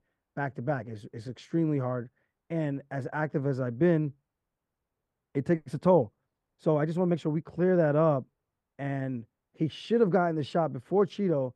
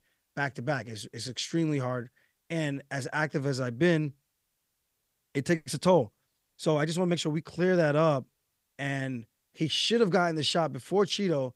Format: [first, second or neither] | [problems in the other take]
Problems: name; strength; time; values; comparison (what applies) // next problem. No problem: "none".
second | muffled; very; fading above 2 kHz